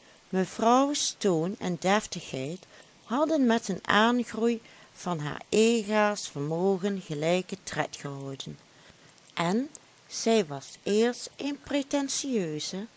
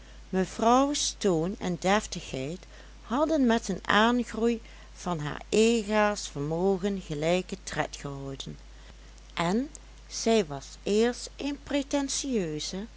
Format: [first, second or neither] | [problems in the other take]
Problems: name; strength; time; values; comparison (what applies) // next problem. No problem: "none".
second | noise reduction (neural mask model Resemble Enhance denoiser)